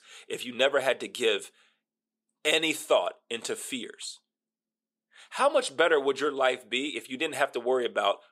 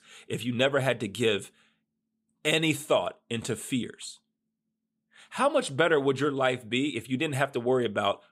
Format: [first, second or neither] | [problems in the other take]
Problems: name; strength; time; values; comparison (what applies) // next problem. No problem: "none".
second | thin; somewhat; fading below 450 Hz